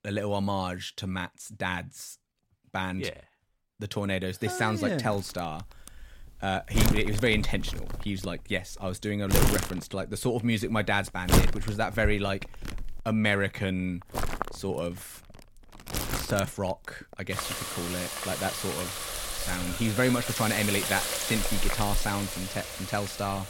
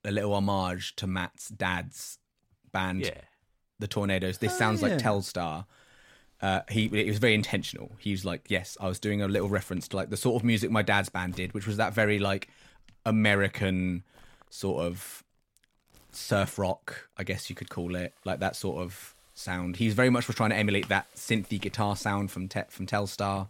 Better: second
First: household noises; loud; from 5.5 s on; 1 dB below the speech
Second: household noises; faint; from 5.5 s on; 30 dB below the speech

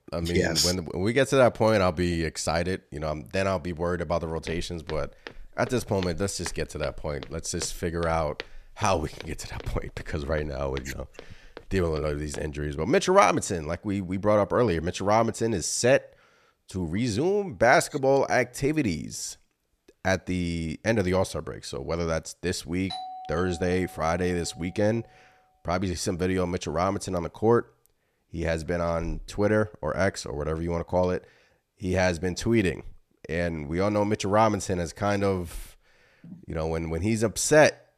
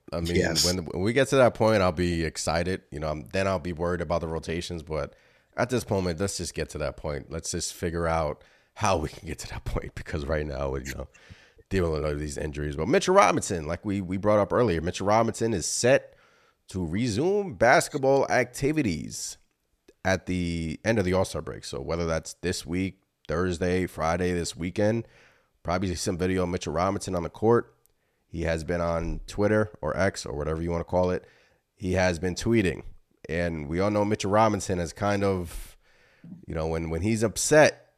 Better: second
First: footsteps; faint; from 4.5 to 12 s; peak 15 dB below the speech // doorbell; noticeable; from 23 to 25 s; peak 10 dB below the speech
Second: none

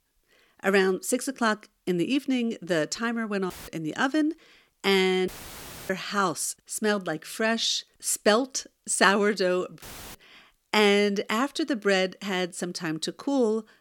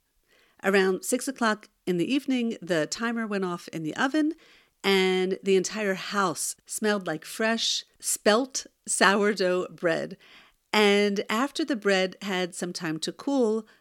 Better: second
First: audio cutting out; filled with static; at 3.5 s, at 5.5 s for 0.5 s and at 10 s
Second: none

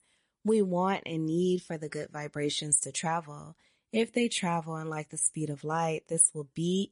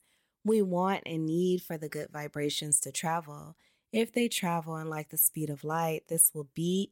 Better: second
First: garbled, watery; slightly; nothing above 10.5 kHz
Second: none

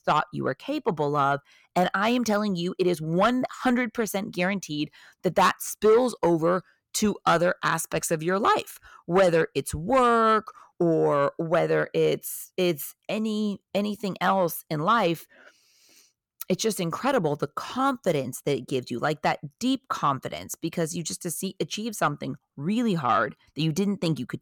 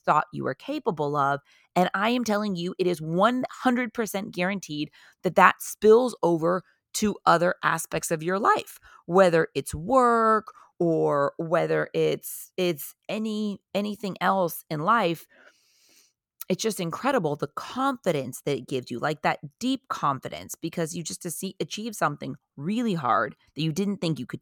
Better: second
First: distortion; slight; 10 dB below the speech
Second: none

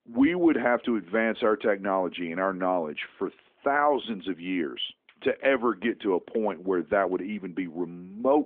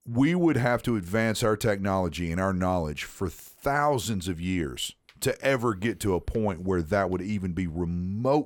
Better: second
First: phone-call audio; nothing above 3.5 kHz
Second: none

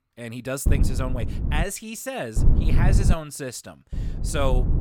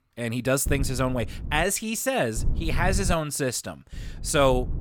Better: second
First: low rumble; loud; at 0.5 s, at 2.5 s and at 4 s; 7 dB below the speech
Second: low rumble; faint; at 0.5 s, at 2.5 s and at 4 s; 20 dB below the speech

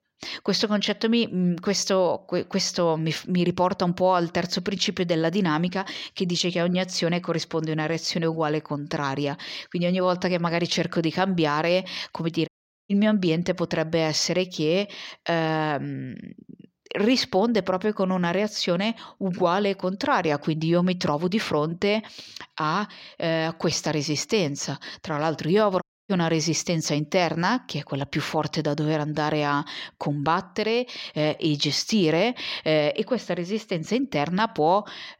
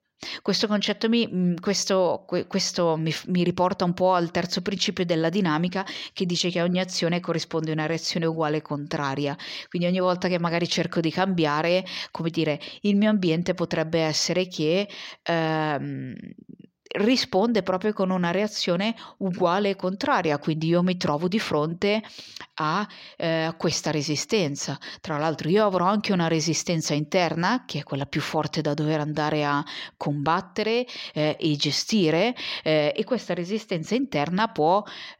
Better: second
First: audio cutting out; at 12 s and at 26 s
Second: none

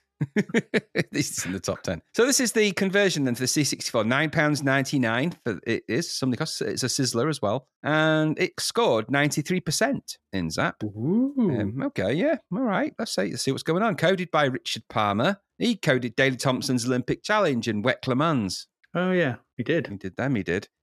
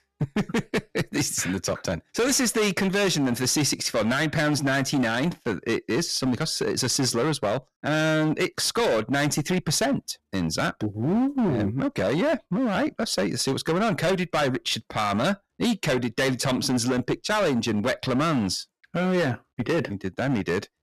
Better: first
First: none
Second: distortion; heavy; 17% of the sound clipped

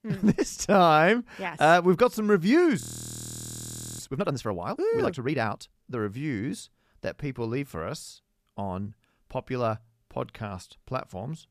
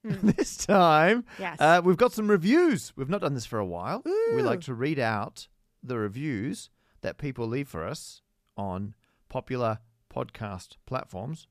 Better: second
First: audio freezing; at 3 s for 1 s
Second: none

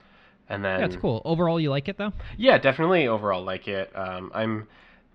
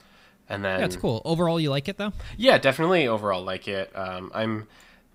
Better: second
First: muffled; slightly; fading above 3.5 kHz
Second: none

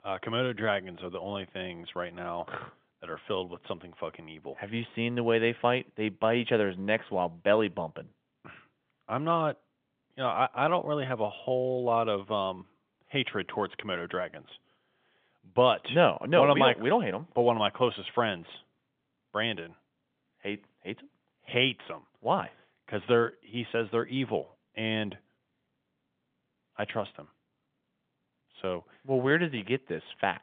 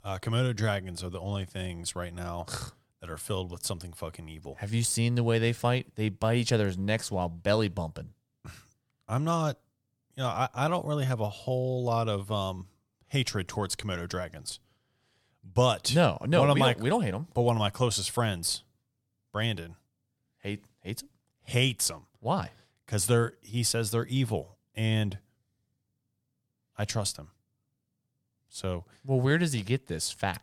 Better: second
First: phone-call audio; nothing above 3.5 kHz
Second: none

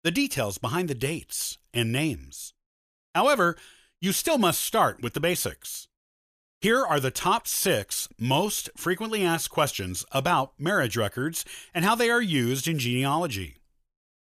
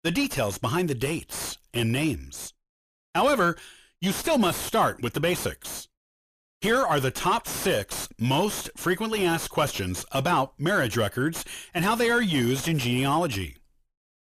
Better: first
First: none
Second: distortion; slight; 8 dB below the speech

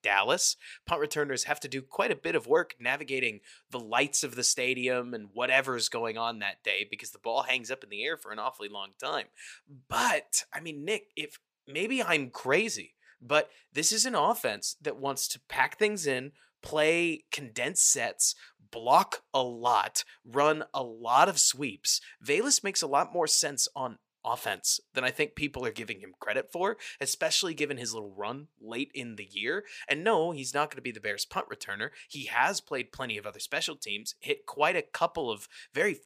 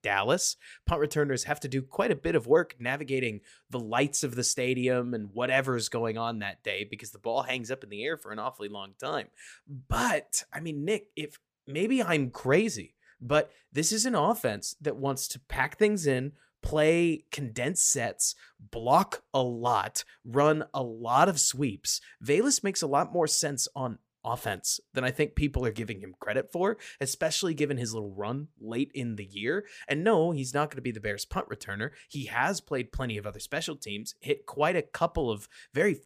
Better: second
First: thin; somewhat; fading below 1 kHz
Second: none

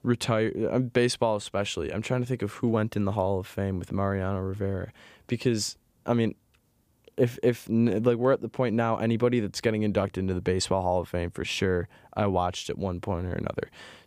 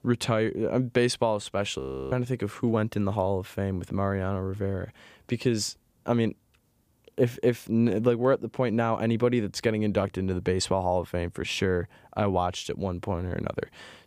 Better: first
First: none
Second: audio freezing; at 2 s

